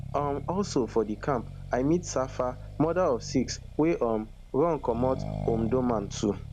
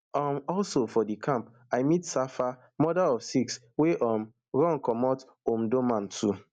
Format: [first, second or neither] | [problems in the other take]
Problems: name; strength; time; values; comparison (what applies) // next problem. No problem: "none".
second | background sound (Accelerating, revving, vroom); 10 dB below the speech